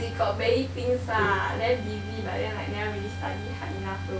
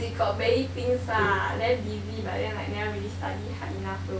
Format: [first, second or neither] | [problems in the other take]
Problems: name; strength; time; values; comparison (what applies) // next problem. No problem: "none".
second | background sound (Trumpet); 18 dB below the speech